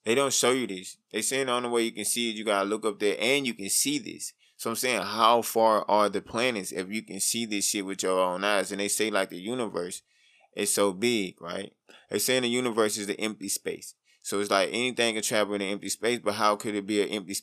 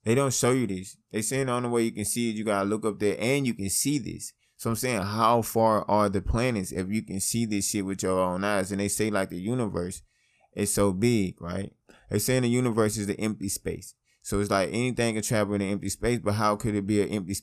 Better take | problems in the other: second | thin; very slightly; fading below 300 Hz

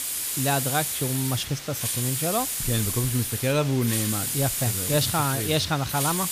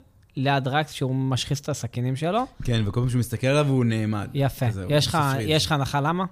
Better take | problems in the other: second | hiss; loud; throughout; as loud as the speech

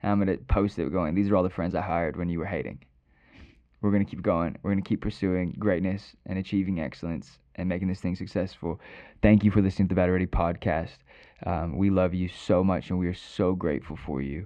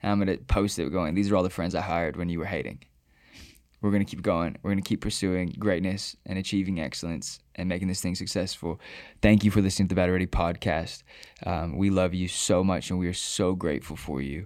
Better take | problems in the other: second | muffled; very; fading above 2 kHz

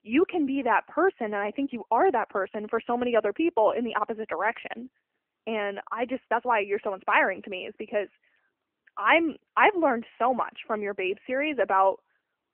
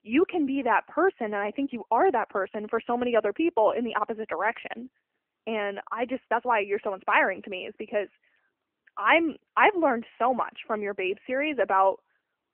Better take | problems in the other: neither | phone-call audio; nothing above 3 kHz; the same in both

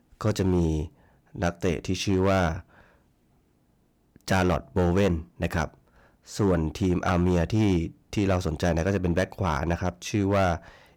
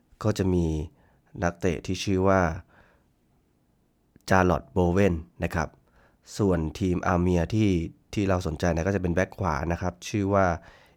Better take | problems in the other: second | distortion; slight; 5% of the sound clipped

